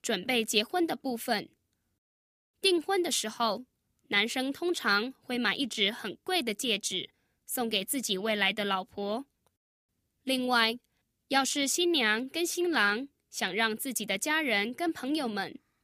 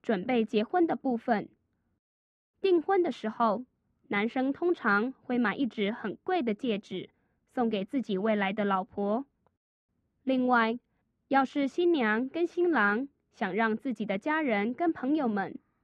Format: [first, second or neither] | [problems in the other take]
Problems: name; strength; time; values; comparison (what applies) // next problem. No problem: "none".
first | muffled; very; fading above 1 kHz